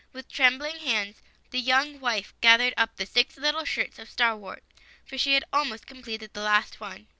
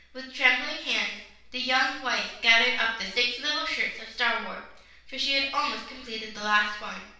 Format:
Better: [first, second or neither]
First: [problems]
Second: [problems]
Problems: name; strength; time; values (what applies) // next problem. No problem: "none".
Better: first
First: none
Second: room echo; dies away in 0.7 s